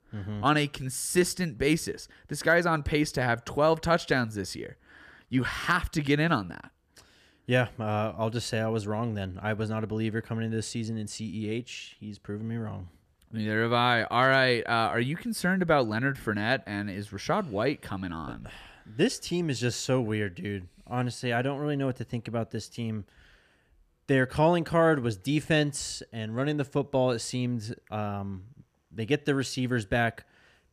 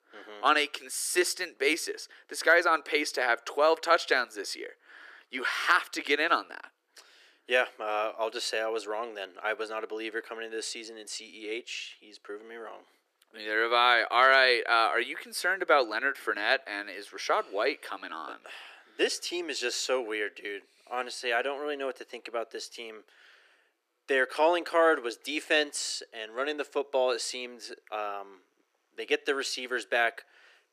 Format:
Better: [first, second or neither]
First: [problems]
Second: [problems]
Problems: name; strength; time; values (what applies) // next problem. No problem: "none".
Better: first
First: none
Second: thin; very; fading below 350 Hz